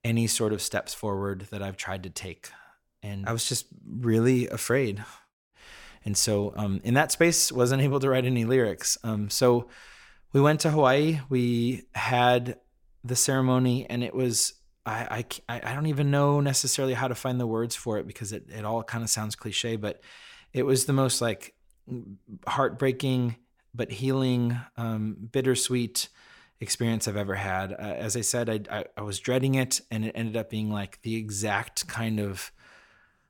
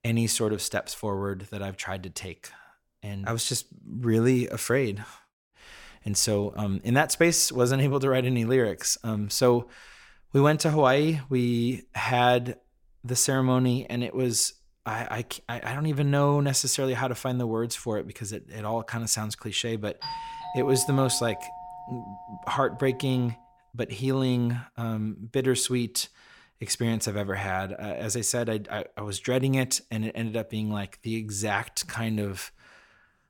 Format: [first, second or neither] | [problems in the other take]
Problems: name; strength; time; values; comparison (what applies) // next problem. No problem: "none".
first | doorbell; noticeable; from 20 to 23 s; peak 9 dB below the speech